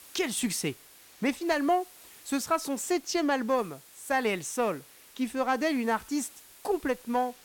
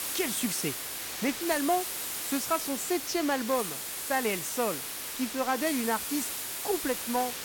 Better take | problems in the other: first | hiss; loud; throughout; 2 dB below the speech; faint in the first

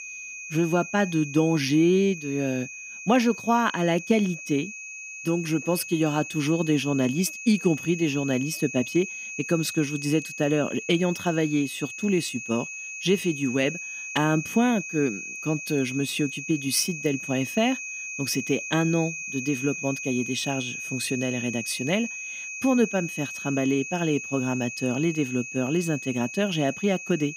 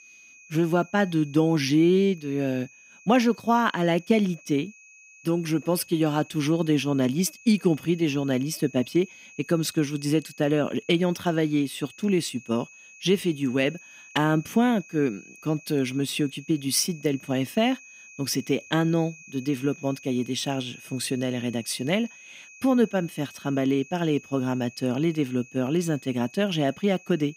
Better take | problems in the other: second | high-pitched whine; loud; throughout; 2.5 kHz, 8 dB below the speech; faint in the second

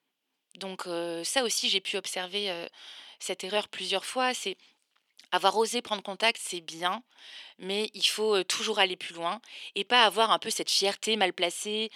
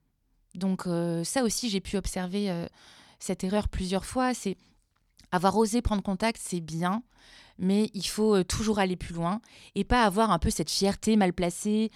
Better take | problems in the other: second | thin; somewhat; fading below 350 Hz

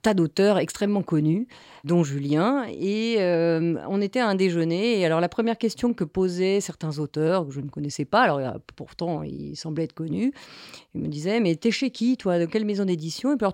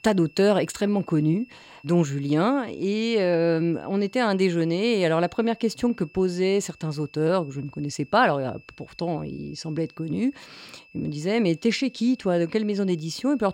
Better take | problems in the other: first | high-pitched whine; faint; throughout; 2.5 kHz, 25 dB below the speech

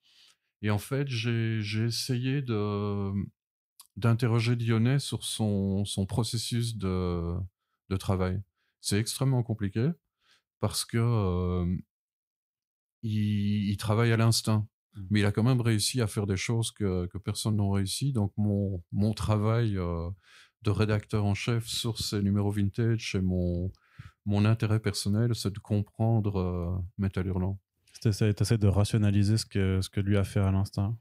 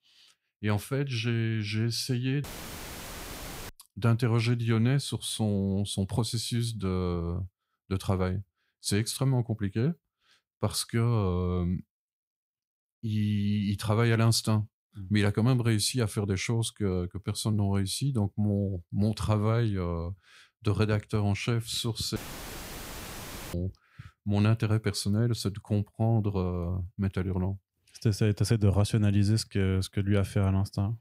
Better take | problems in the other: first | audio cutting out; filled with static; at 2.5 s for 1.5 s and at 22 s for 1.5 s

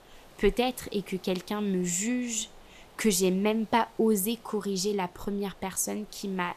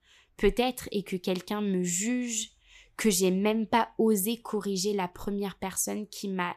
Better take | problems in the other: second | hiss; faint; throughout; 25 dB below the speech

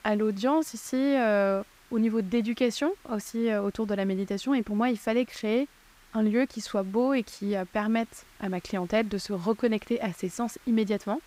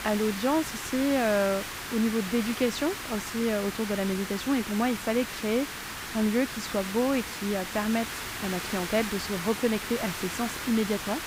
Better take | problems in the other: first | hiss; loud; throughout; 6 dB below the speech; faint in the first

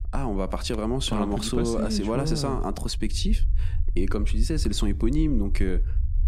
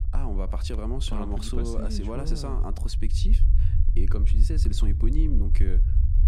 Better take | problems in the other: first | low rumble; loud; throughout; 9 dB below the speech; faint in the first

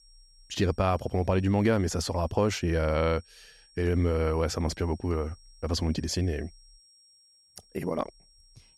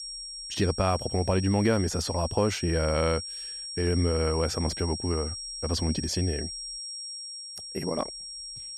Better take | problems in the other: first | high-pitched whine; loud; throughout; 5.5 kHz, 7 dB below the speech; faint in the first

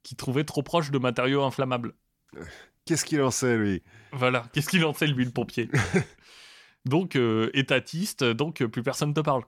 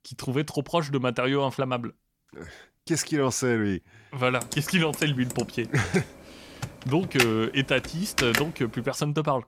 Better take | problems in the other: first | keyboard typing; loud; from 4.5 to 8.5 s; peak 1 dB above the speech

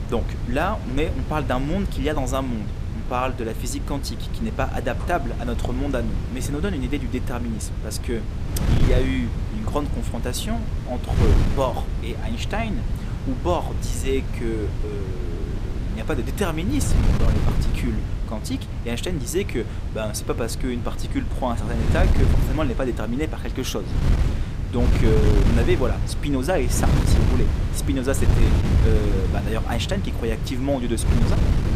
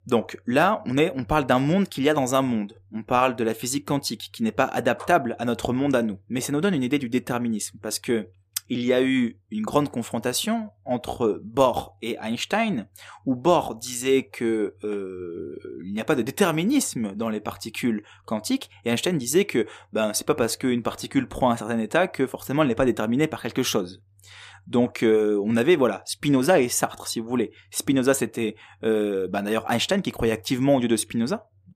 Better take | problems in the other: second | wind noise on the microphone; heavy; 6 dB below the speech

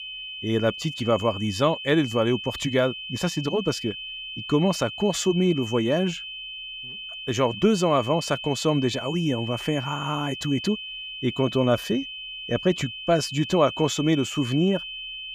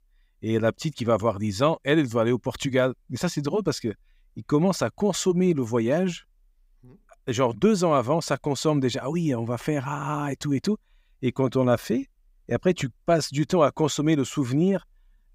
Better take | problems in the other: second | high-pitched whine; loud; throughout; 3 kHz, 9 dB below the speech

